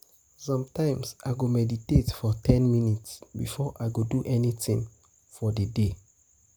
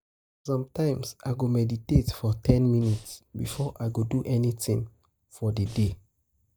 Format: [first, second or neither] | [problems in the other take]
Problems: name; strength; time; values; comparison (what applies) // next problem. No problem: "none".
first | noise reduction (neural mask model DeepFilterNet 3)